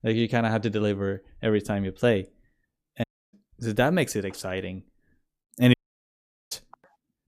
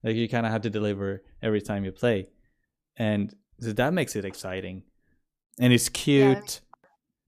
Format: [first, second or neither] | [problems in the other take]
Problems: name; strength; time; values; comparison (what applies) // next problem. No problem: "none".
second | audio cutting out; at 3 s and at 5.5 s for 1 s